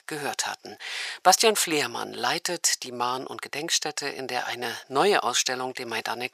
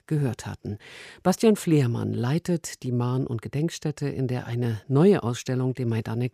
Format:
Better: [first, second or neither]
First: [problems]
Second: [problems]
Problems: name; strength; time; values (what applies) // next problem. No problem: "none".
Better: second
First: thin; very; fading below 850 Hz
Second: none